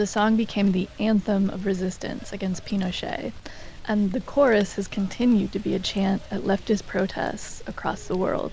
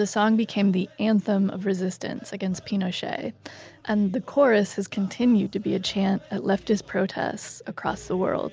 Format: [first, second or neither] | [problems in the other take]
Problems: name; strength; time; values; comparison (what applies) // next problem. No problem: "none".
second | background sound (Rain); 14 dB below the speech